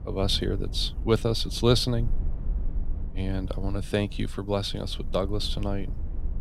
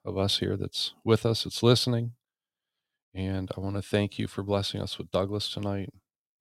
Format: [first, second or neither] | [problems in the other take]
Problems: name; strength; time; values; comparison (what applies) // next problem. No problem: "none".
second | low rumble; faint; throughout; 20 dB below the speech